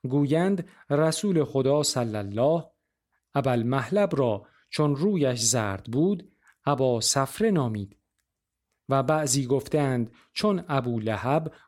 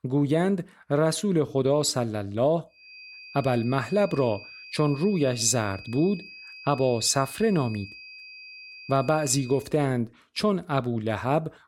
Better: first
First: none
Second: high-pitched whine; noticeable; from 3 to 9.5 s; 2.5 kHz, 15 dB below the speech

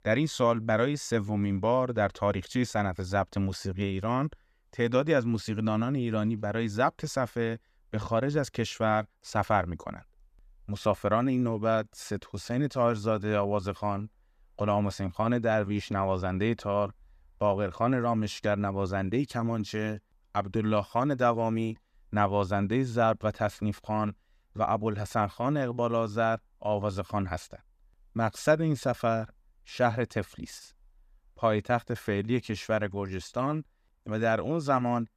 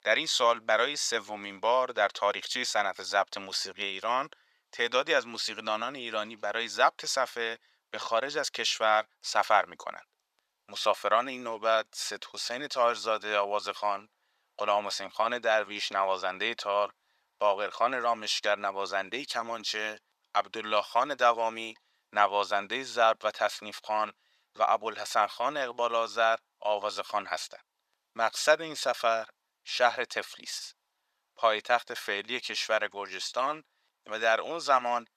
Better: first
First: none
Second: thin; very; fading below 750 Hz

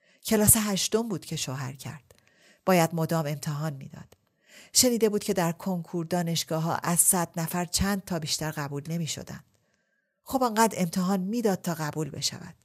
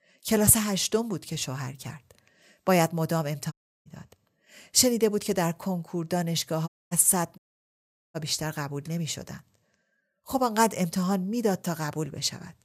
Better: first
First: none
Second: audio cutting out; at 3.5 s, at 6.5 s and at 7.5 s for 1 s

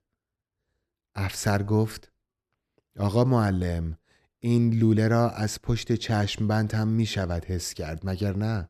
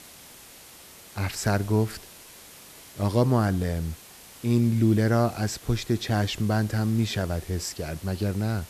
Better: first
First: none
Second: hiss; noticeable; throughout; 20 dB below the speech

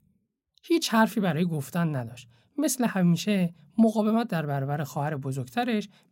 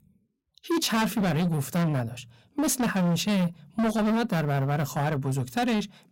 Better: first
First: none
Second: distortion; heavy; 23% of the sound clipped

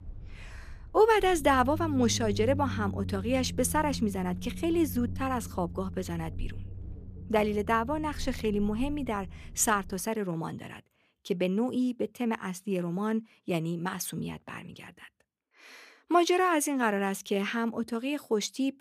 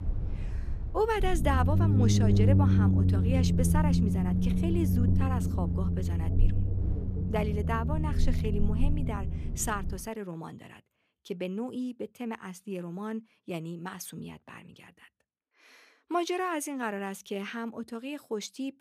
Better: first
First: low rumble; faint; until 10 s; 20 dB below the speech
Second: low rumble; loud; until 10 s; 3 dB below the speech

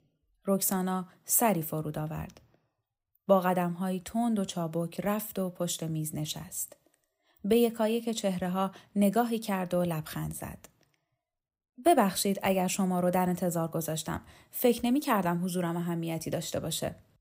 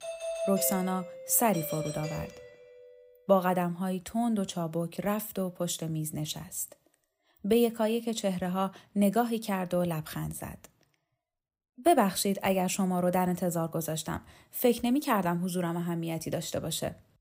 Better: first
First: none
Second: doorbell; noticeable; until 2.5 s; peak 3 dB below the speech

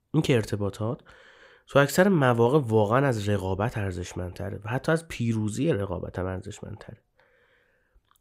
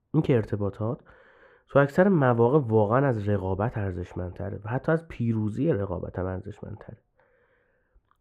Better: first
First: none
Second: muffled; very; fading above 2.5 kHz

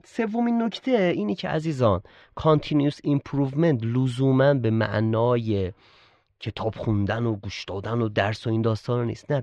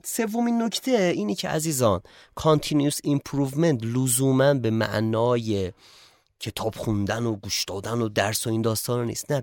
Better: second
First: muffled; slightly; fading above 3.5 kHz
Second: none

